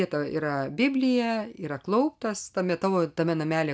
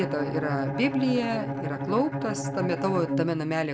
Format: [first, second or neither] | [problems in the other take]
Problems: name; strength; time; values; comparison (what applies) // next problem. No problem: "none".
first | background sound (Bowed string instrument); 4 dB below the speech